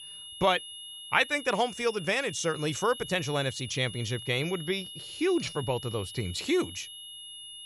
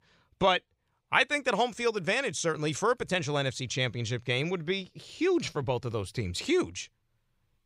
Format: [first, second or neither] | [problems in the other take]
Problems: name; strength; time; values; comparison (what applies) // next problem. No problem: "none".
second | high-pitched whine; noticeable; throughout; 3 kHz, 10 dB below the speech